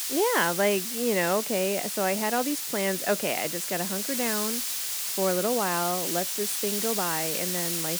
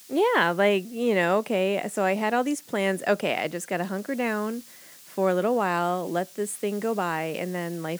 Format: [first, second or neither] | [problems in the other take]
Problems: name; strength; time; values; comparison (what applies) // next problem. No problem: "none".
second | hiss; loud; throughout; as loud as the speech; faint in the second